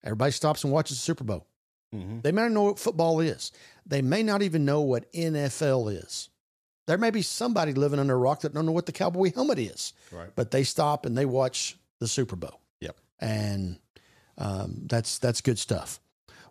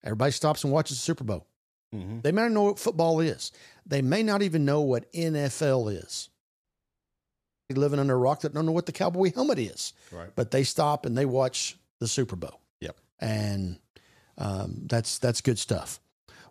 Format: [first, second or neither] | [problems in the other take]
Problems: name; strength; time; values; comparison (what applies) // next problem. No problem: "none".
first | audio cutting out; at 6.5 s for 1 s